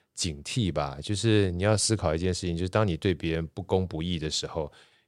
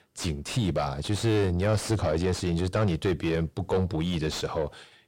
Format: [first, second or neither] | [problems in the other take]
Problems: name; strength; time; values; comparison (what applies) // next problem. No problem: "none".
first | distortion; heavy; 5 dB below the speech